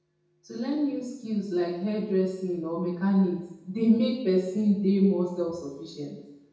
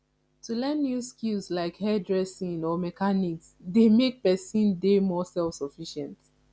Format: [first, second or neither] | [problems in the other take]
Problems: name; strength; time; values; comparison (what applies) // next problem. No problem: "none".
second | room echo; dies away in 0.8 s